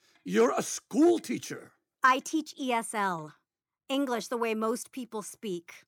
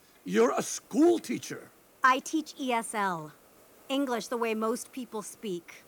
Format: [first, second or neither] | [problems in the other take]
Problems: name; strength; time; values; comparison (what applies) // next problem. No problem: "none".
first | hiss; faint; throughout; 25 dB below the speech